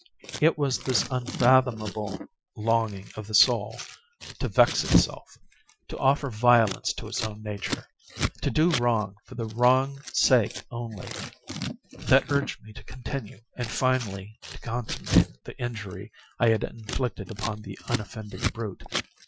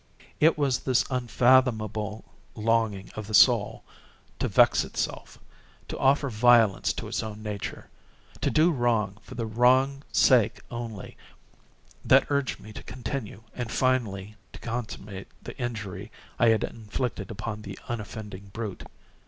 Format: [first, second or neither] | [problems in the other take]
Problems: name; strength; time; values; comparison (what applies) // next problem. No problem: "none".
second | noise reduction (classical method Wiener filter)